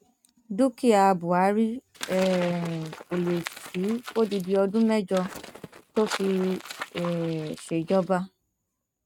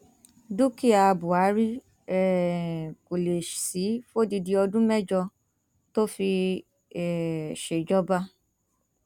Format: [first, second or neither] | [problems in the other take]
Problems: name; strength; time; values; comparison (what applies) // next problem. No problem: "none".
second | noise reduction (neural mask model RNNoise)